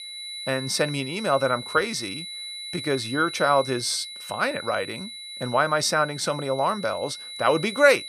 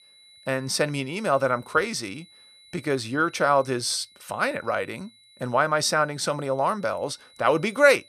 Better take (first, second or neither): second